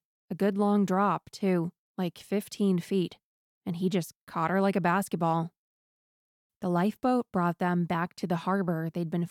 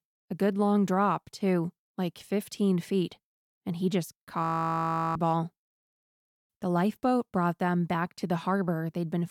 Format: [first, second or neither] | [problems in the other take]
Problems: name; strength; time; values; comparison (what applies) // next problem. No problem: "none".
first | audio freezing; at 4.5 s for 0.5 s